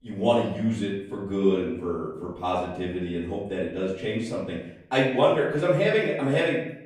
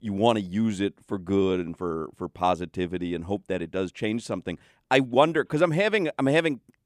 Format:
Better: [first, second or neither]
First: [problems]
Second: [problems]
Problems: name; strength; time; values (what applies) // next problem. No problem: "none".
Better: second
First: off-mic speech; far // room echo; noticeable; dies away in 0.7 s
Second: none